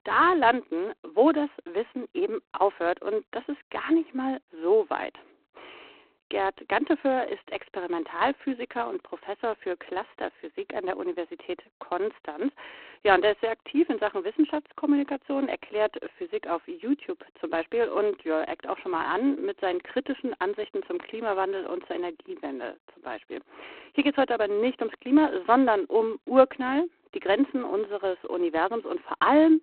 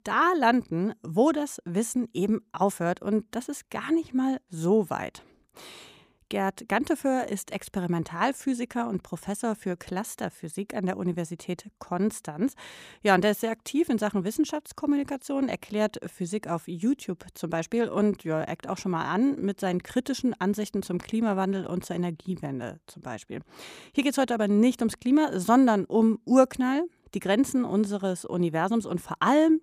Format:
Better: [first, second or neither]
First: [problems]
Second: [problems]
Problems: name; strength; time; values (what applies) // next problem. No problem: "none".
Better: second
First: phone-call audio; poor line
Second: none